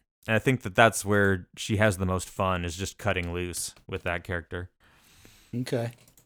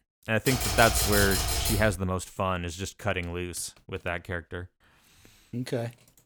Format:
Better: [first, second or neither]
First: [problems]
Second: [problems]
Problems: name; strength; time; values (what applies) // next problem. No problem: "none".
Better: first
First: none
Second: keyboard typing; loud; until 2 s; peak 4 dB above the speech